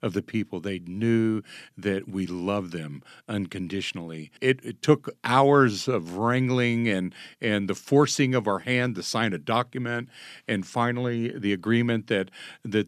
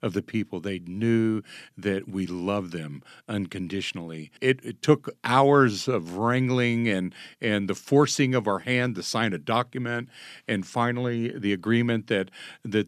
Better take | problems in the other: neither | none

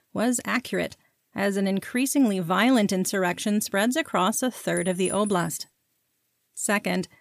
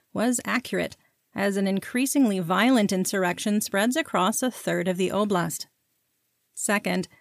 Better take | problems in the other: second | clattering dishes; noticeable; at 5 s; peak 9 dB below the speech

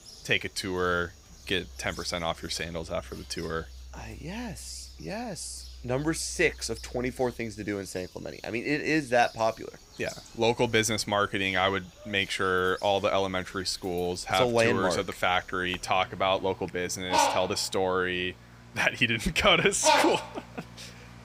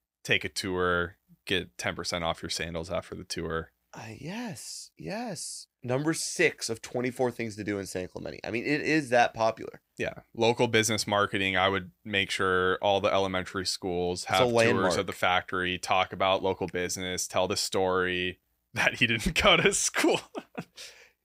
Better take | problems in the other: second | animal sounds; loud; throughout; 6 dB below the speech

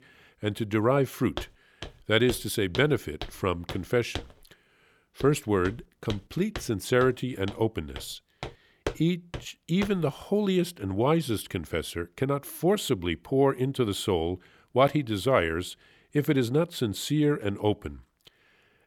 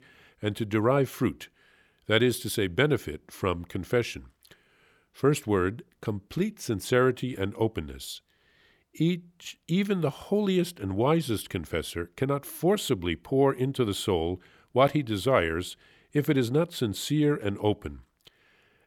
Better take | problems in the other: second | footsteps; noticeable; from 1.5 to 10 s; peak 9 dB below the speech

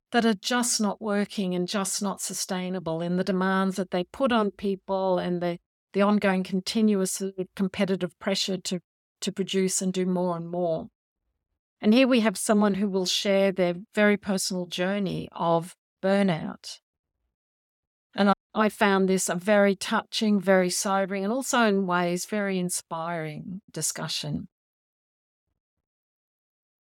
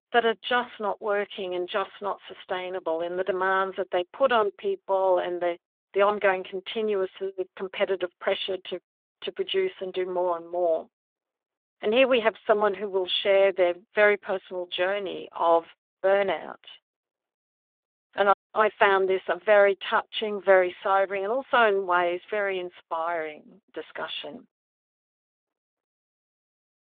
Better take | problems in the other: first | phone-call audio

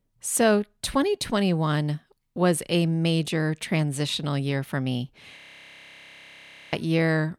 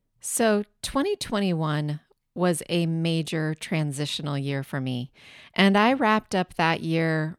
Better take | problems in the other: second | audio freezing; at 5.5 s for 1.5 s

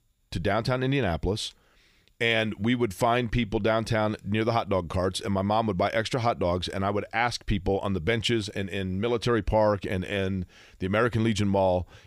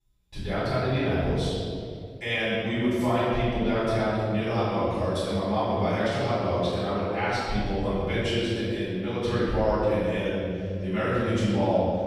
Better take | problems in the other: first | off-mic speech; far // room echo; strong; dies away in 2.1 s

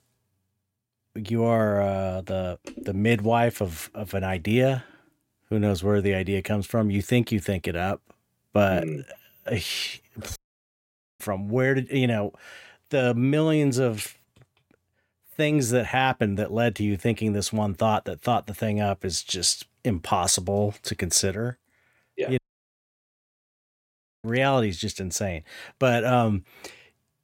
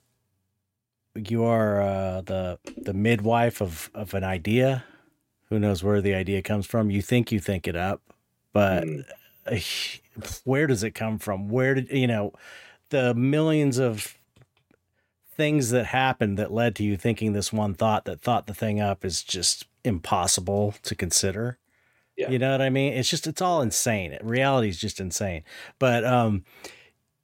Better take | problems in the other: second | audio cutting out; at 10 s for 1 s and at 22 s for 2 s

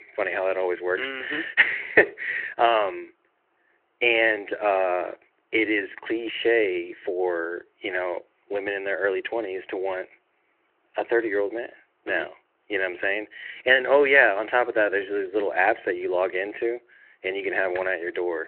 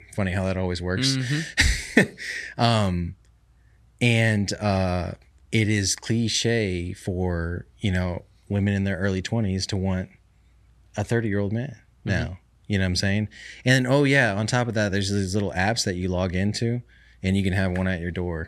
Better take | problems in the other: second | phone-call audio

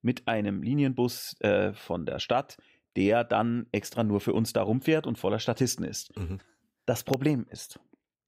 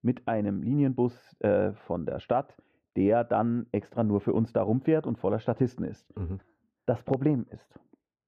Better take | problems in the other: first | muffled; very; fading above 3 kHz

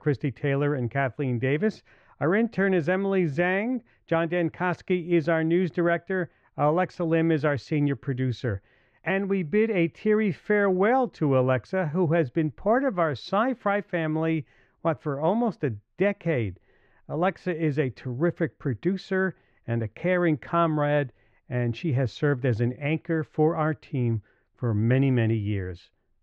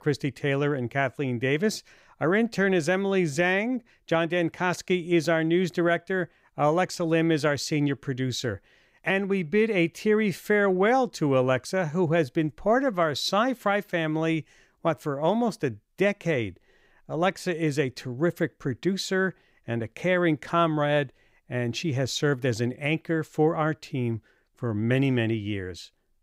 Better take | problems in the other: second | muffled; slightly; fading above 2 kHz

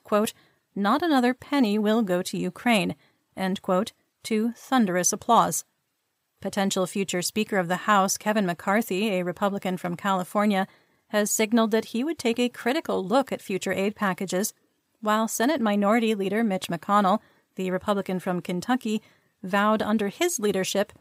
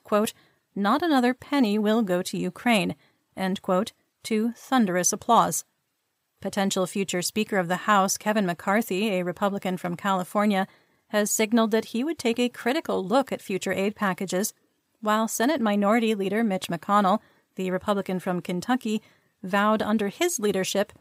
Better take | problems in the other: neither | none

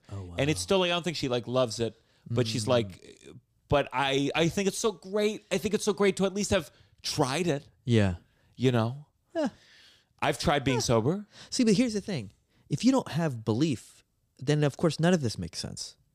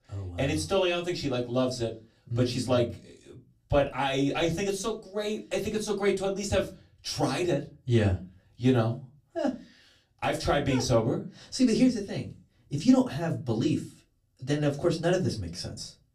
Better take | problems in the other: first | off-mic speech; far // room echo; very slight; dies away in 0.2 s

